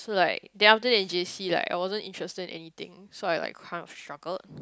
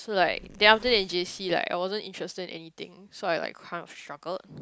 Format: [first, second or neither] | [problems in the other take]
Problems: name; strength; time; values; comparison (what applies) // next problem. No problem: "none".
first | background sound (Zipper (clothing)); 20 dB below the speech